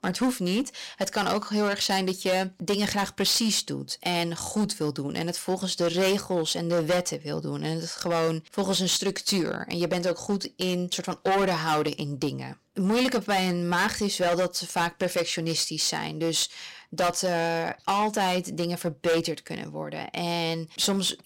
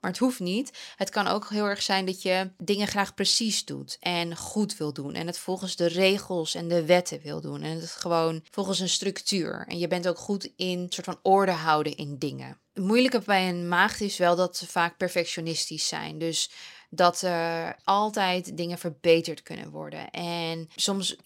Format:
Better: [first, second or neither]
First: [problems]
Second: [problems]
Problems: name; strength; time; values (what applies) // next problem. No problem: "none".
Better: second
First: distortion; heavy; 10% of the sound clipped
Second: none